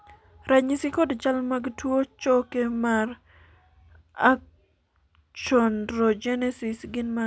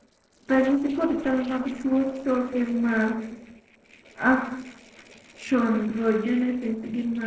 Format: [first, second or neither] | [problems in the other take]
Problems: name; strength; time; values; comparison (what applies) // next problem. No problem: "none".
first | noise reduction (neural separator model SepFormer DNS4)